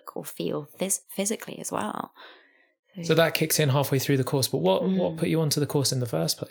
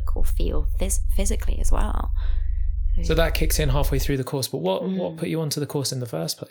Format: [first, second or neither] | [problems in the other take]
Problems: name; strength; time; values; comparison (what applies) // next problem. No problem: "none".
first | low rumble; faint; until 4 s; 25 dB below the speech